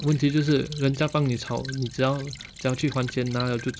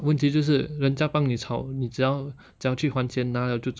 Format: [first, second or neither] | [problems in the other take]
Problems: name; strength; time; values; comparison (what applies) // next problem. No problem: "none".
second | background sound (Stream / Trickle, dribble); 16 dB below the speech